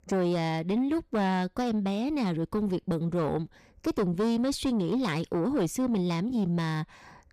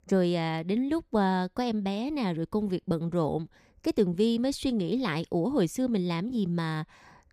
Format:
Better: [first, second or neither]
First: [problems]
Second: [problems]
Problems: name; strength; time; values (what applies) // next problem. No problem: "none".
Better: second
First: distortion; slight; 10 dB below the speech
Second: none